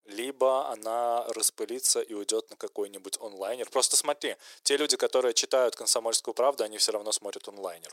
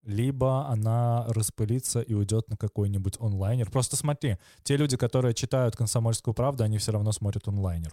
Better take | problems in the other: second | thin; very; fading below 350 Hz

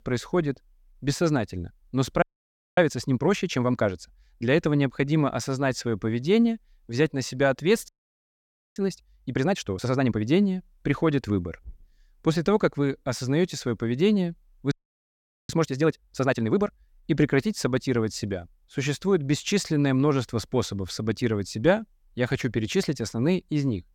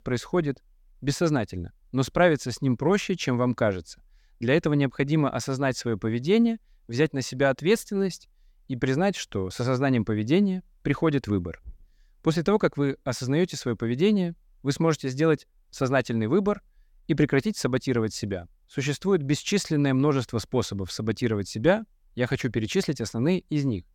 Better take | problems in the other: second | audio freezing; at 2 s for 0.5 s, at 8 s for 1 s and at 15 s for 1 s

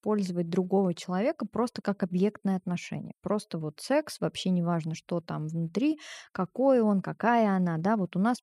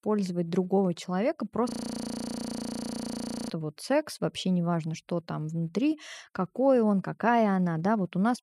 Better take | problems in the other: first | audio freezing; at 1.5 s for 2 s

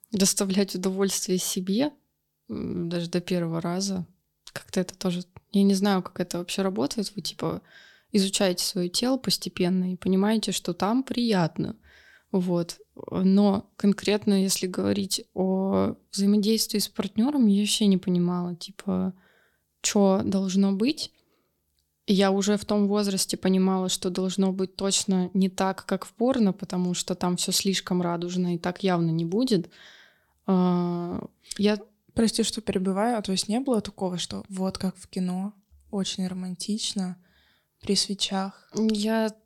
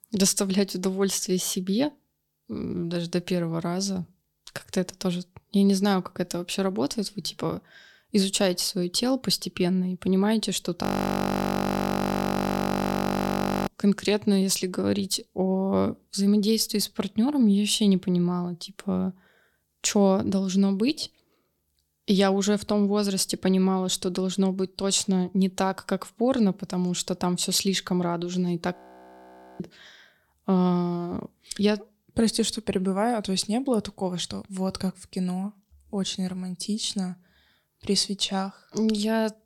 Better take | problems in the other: first | audio freezing; at 11 s for 3 s and at 29 s for 1 s

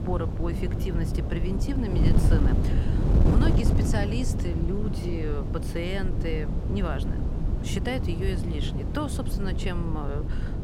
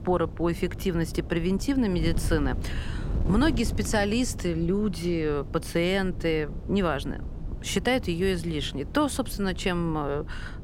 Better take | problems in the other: second | wind noise on the microphone; heavy; 2 dB below the speech; occasional gusts in the second

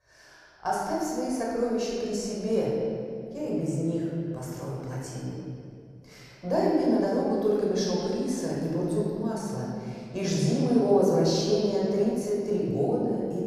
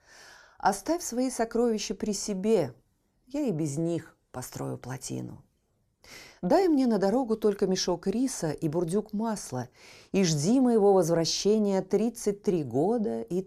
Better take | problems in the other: second | off-mic speech; far // room echo; strong; dies away in 2.3 s

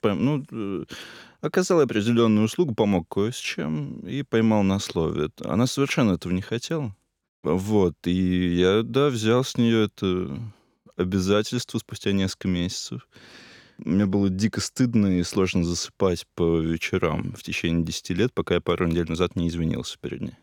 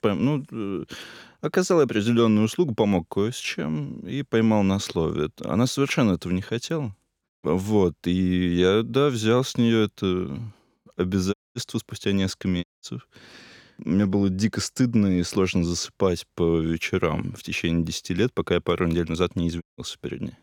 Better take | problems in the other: first | audio cutting out; at 11 s, at 13 s and at 20 s

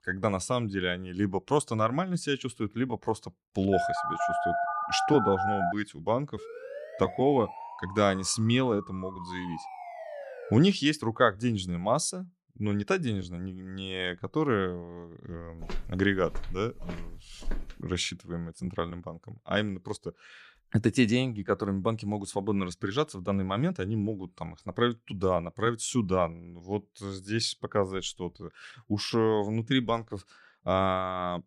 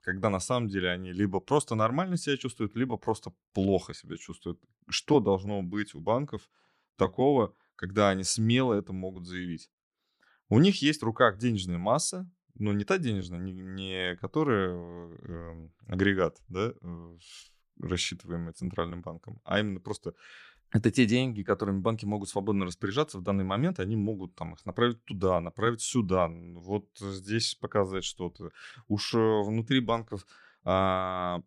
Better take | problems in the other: second | phone ringing; loud; from 3.5 to 5.5 s; peak 1 dB above the speech // siren; faint; from 6.5 to 11 s; peak 10 dB below the speech // footsteps; faint; from 16 to 18 s; peak 10 dB below the speech

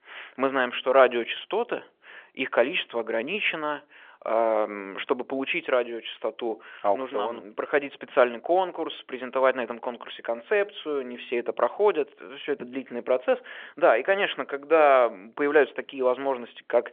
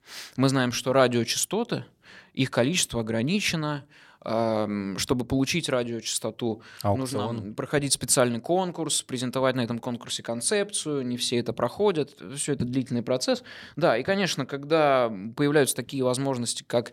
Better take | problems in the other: second | phone-call audio; nothing above 3.5 kHz

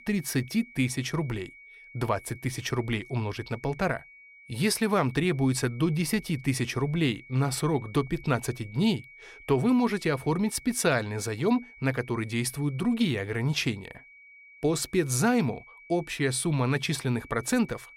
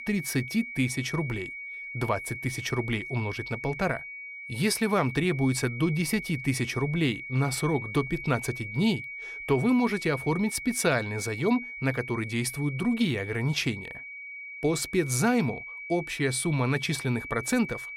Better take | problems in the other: first | high-pitched whine; loud; throughout; 2 kHz, 9 dB below the speech; faint in the first

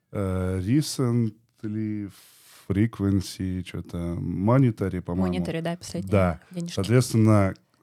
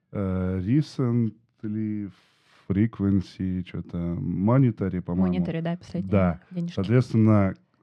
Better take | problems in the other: first | muffled; slightly; fading above 3 kHz

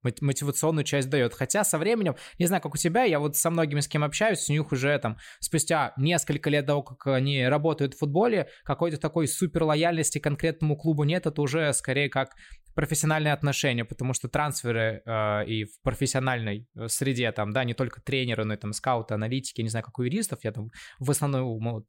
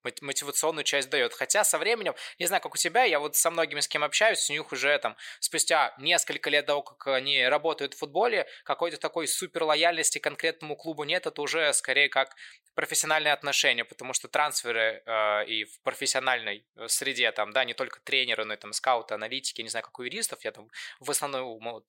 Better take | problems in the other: first | thin; very; fading below 650 Hz

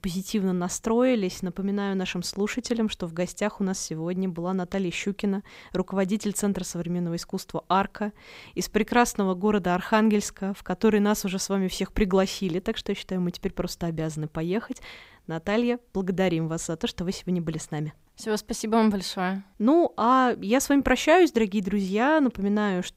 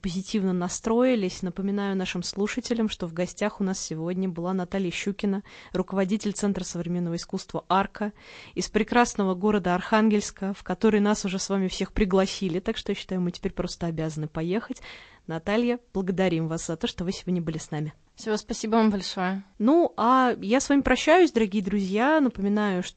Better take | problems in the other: first | garbled, watery; slightly; nothing above 8 kHz

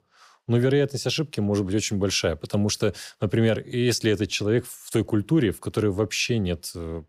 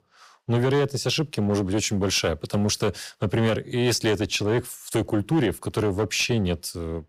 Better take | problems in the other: first | distortion; slight; 8% of the sound clipped

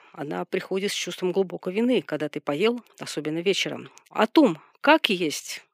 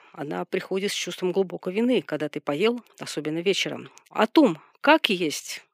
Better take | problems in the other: neither | thin; somewhat; fading below 350 Hz; the same in both

